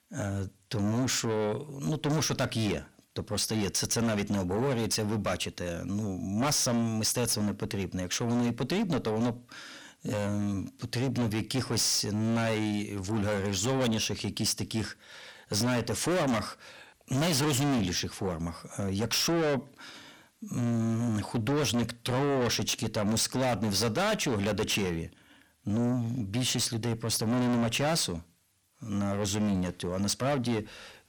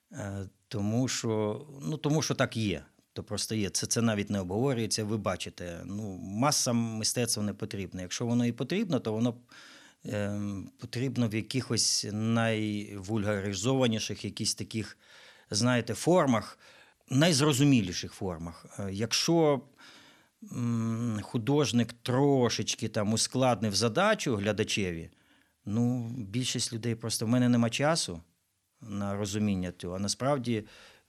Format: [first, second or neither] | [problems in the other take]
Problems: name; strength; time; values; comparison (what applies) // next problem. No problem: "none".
second | distortion; heavy; 6 dB below the speech